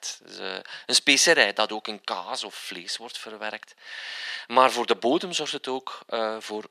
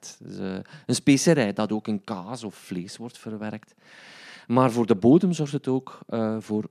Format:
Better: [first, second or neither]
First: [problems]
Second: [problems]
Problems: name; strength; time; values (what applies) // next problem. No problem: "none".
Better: second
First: thin; very; fading below 700 Hz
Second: none